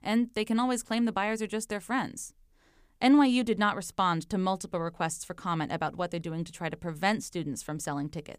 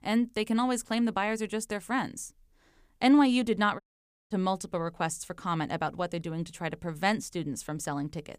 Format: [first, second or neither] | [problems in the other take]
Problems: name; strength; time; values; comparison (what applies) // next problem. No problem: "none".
first | audio cutting out; at 4 s for 0.5 s